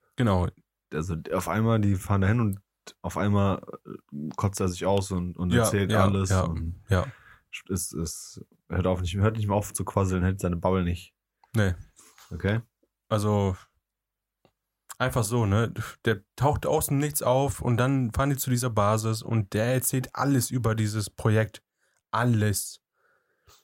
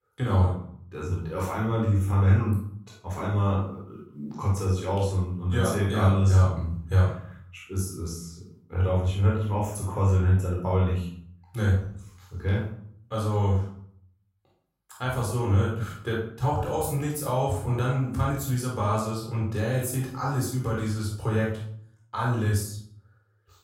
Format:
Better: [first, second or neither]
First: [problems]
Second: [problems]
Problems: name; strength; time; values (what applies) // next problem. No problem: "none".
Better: first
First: none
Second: off-mic speech; far // room echo; noticeable; dies away in 0.5 s